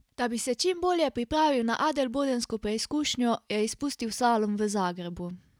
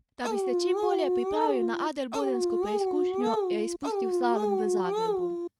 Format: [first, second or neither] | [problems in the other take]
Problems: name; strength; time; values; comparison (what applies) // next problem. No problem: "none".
first | noise reduction (neural mask model RNNoise)